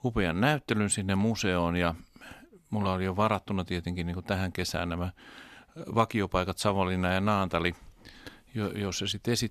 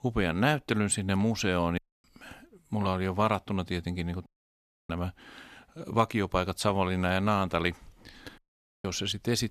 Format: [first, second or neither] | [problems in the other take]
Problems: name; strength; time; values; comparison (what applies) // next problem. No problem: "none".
first | audio cutting out; at 2 s, at 4.5 s for 0.5 s and at 8.5 s